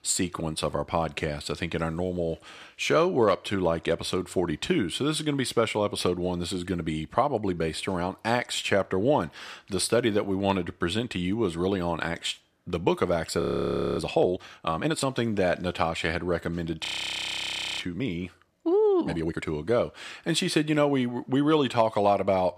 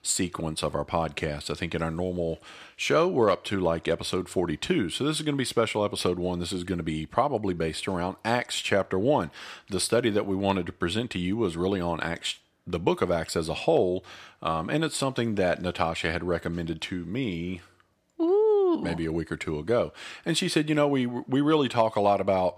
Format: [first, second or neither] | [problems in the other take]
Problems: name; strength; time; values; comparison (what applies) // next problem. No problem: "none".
second | audio freezing; at 13 s for 0.5 s and at 17 s for 1 s